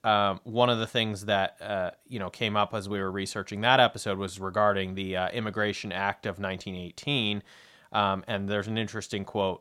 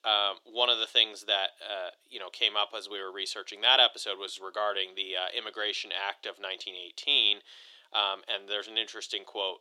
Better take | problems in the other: first | thin; very; fading below 350 Hz

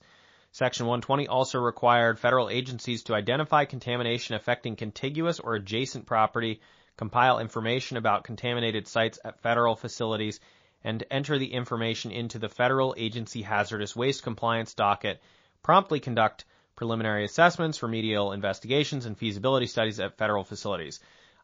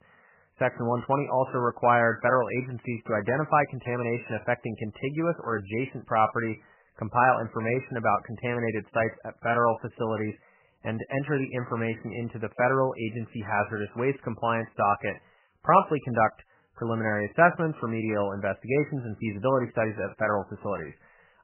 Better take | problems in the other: first | garbled, watery; badly; nothing above 2.5 kHz; slightly in the first

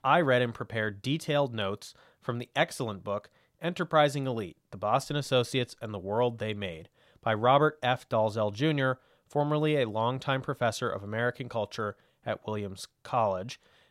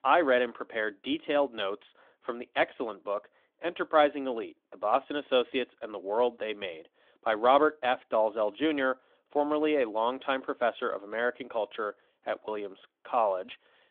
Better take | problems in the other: first | phone-call audio; nothing above 3.5 kHz

